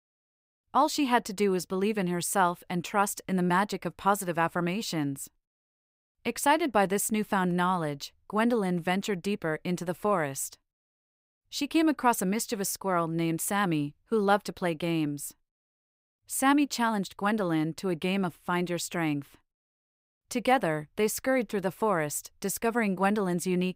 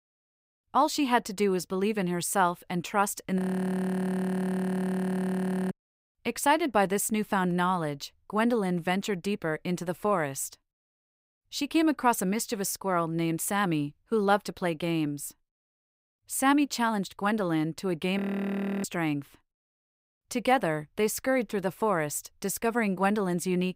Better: first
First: none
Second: audio freezing; at 3.5 s for 2.5 s and at 18 s for 0.5 s

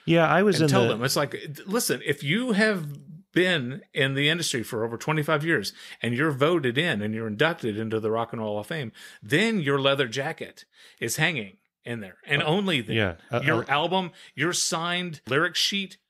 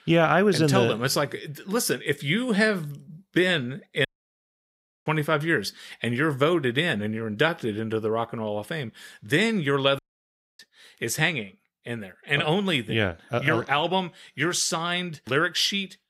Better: first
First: none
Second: audio cutting out; at 4 s for 1 s and at 10 s for 0.5 s

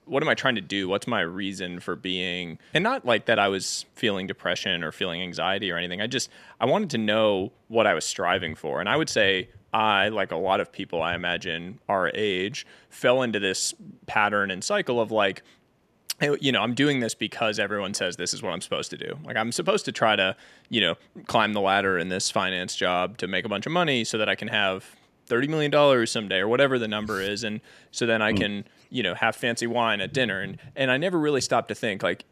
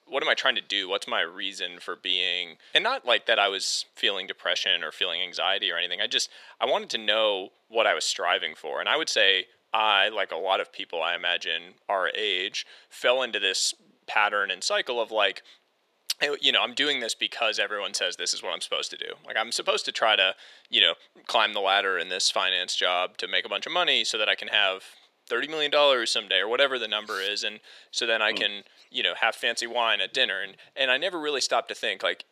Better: first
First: none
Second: thin; somewhat; fading below 550 Hz

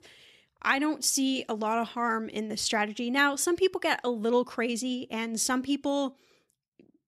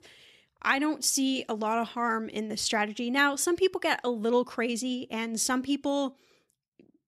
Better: neither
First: none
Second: none

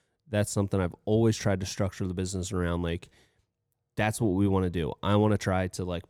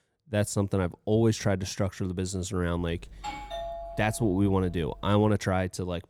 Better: first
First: none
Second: doorbell; noticeable; from 3 to 5.5 s; peak 8 dB below the speech

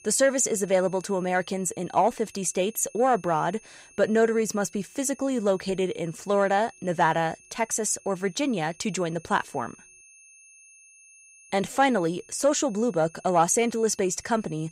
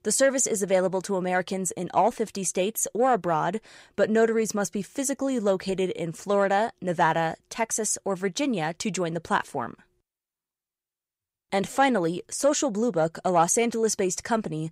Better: second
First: high-pitched whine; faint; throughout; 6.5 kHz, 25 dB below the speech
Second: none

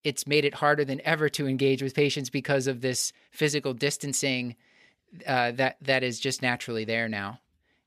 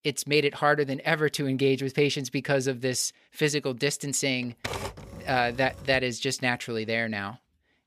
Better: first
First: none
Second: keyboard typing; noticeable; from 4.5 to 6 s; peak 7 dB below the speech

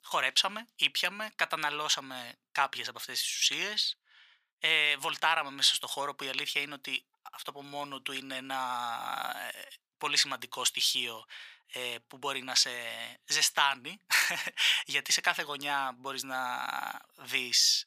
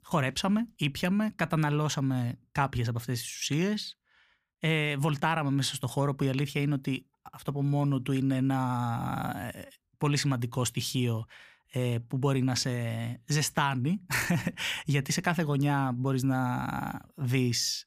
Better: second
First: thin; very; fading below 850 Hz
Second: none

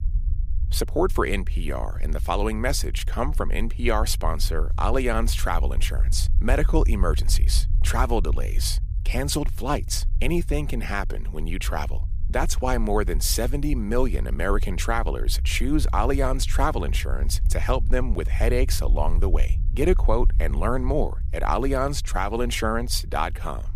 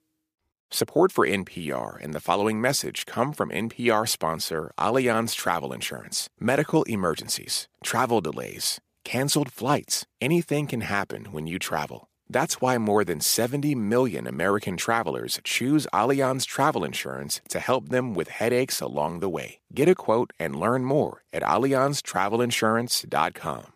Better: second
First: low rumble; faint; throughout; 20 dB below the speech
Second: none

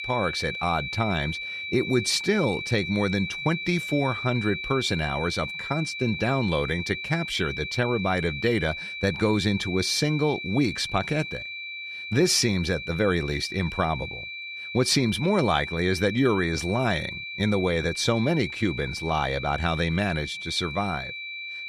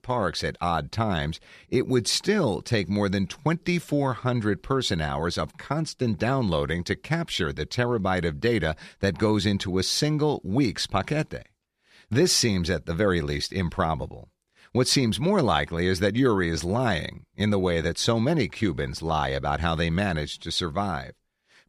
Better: second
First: high-pitched whine; loud; throughout; 2.5 kHz, 7 dB below the speech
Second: none

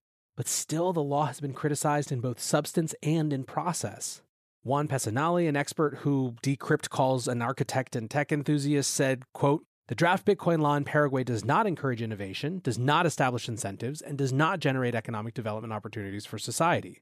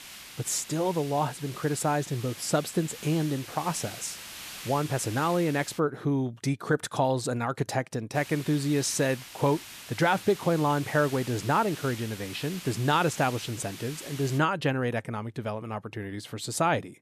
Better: first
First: none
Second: hiss; noticeable; until 6 s and from 8 to 14 s; 15 dB below the speech

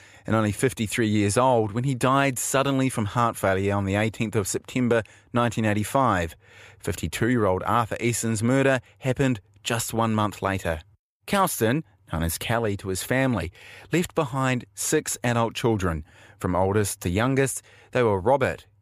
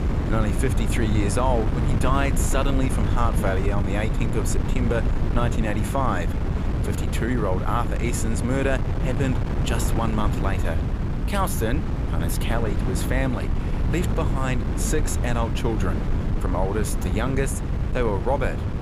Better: first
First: none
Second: wind noise on the microphone; heavy; 6 dB below the speech

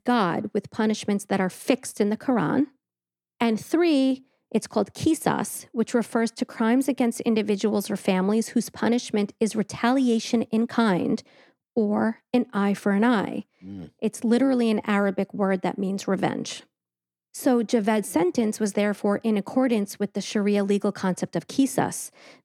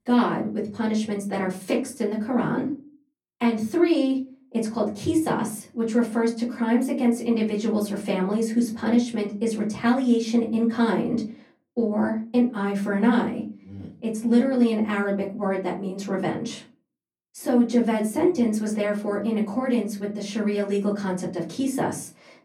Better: first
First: none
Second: off-mic speech; far // room echo; very slight; dies away in 0.3 s

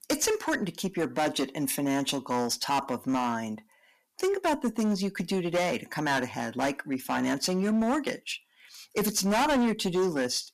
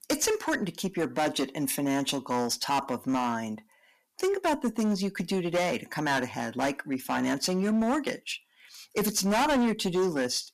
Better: neither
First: distortion; heavy; 12% of the sound clipped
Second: distortion; heavy; 12% of the sound clipped

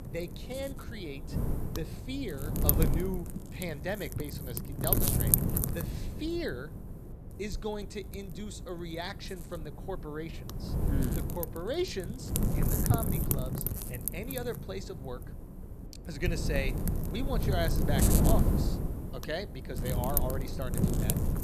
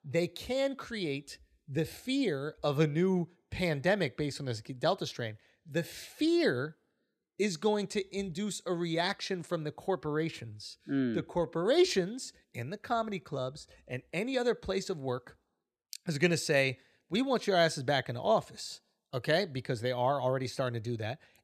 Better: second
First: wind noise on the microphone; heavy; as loud as the speech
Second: none

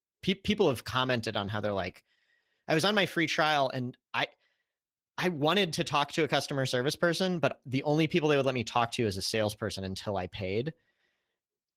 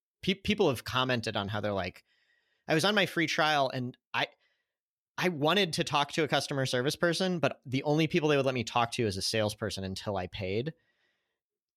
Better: second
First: garbled, watery; slightly; nothing above 17.5 kHz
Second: none

